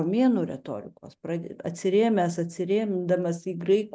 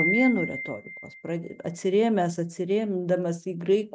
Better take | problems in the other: first | noise reduction (neural mask model RNNoise)

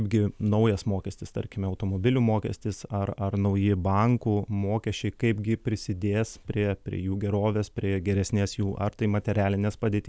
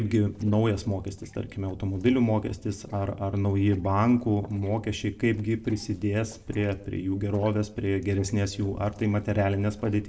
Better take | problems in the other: first | noise reduction (neural separator model SepFormer DNS4)

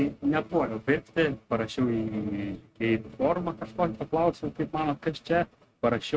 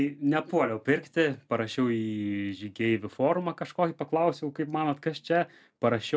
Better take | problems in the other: second | noise reduction (neural mask model RNNoise)

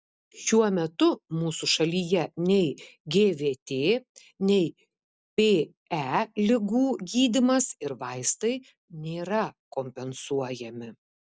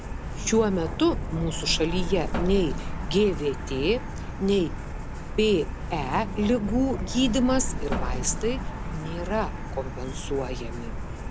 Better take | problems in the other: first | background sound (Truck); 4 dB below the speech

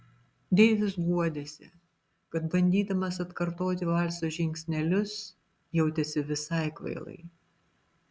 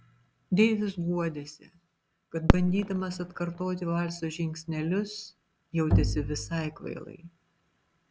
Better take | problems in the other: first | background sound (Fireworks + Bowed string instrument); 1 dB above the speech

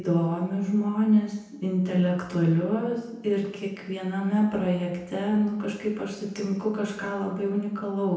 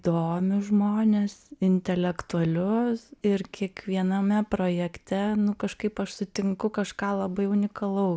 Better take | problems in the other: second | room echo; dies away in 0.9 s

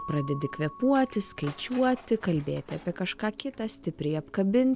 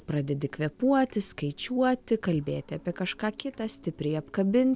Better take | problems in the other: second | background sound (Tools + Keyboard (musical) / Bell); 18 dB below the speech

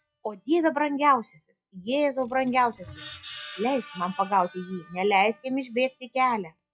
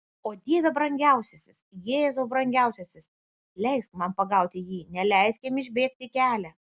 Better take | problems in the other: second | noise reduction (classical method log-MMSE)

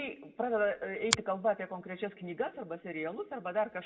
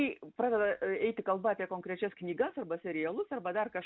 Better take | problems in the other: second | background sound (Finger snapping); 4 dB below the speech // room echo; dies away in 1.3 s

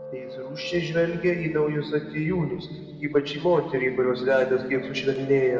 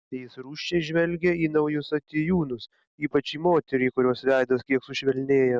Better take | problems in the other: second | background sound (Piano); 14 dB below the speech // room echo; dies away in 1.9 s

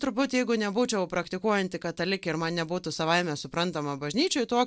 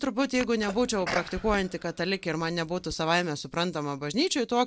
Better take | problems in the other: first | background sound (Sneeze); 11 dB below the speech

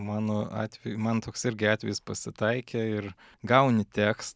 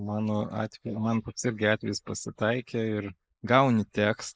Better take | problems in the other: first | noise reduction (neural mask model Resemble Enhance denoiser)

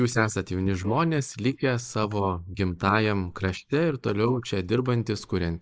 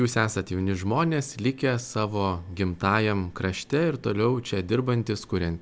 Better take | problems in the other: second | noise reduction (neural mask model Resemble Enhance denoiser)

